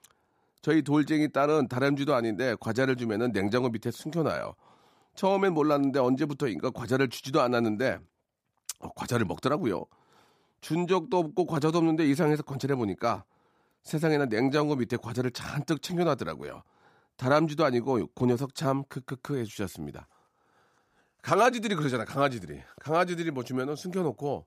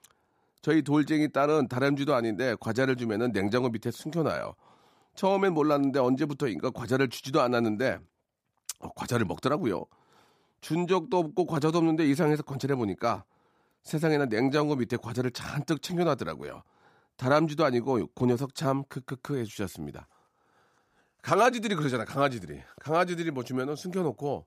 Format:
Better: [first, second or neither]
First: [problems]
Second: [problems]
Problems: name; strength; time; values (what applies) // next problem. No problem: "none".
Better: neither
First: none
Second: none